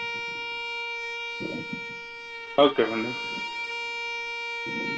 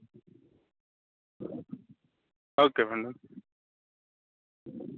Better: second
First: background sound (Bowed string instrument); 3 dB below the speech // room echo; dies away in 2.7 s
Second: none

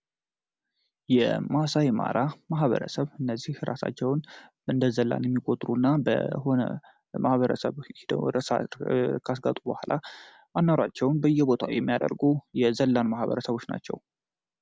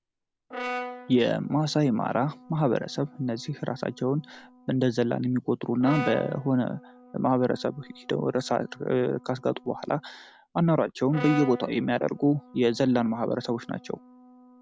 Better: first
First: none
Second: background sound (Brass instrument); 15 dB below the speech

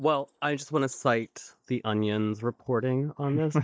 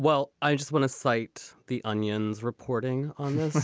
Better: second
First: noise reduction (neural mask model DeepFilterNet 3)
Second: none

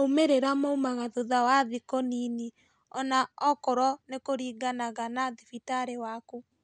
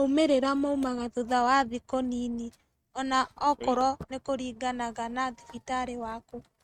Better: first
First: none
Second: noise reduction (neural mask model RNNoise)

